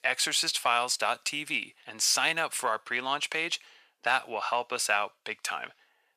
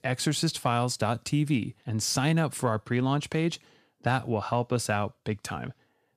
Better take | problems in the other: second | thin; very; fading below 850 Hz

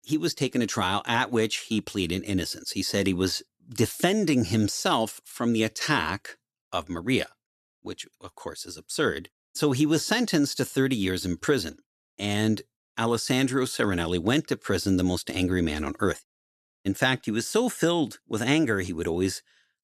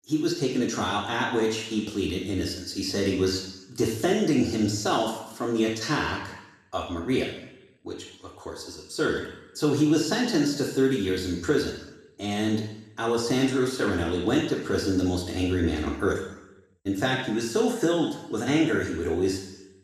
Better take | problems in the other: first | room echo; noticeable; dies away in 0.8 s // off-mic speech; far

